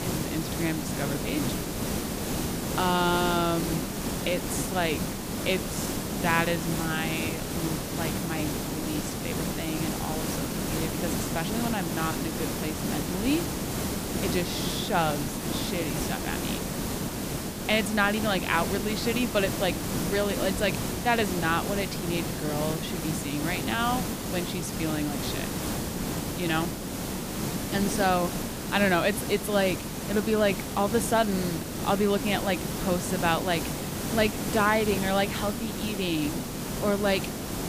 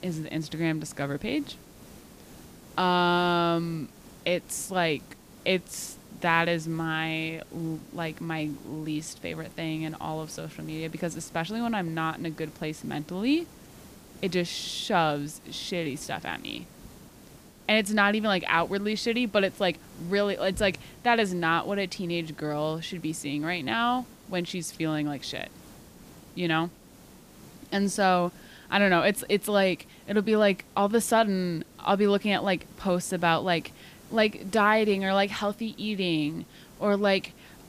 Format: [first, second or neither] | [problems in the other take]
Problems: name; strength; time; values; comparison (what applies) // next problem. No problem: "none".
second | hiss; loud; throughout; 2 dB below the speech; faint in the second